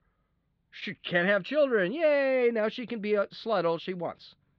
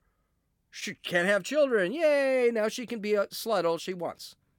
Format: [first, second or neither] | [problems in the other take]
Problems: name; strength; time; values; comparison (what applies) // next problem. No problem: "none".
second | muffled; slightly; fading above 4 kHz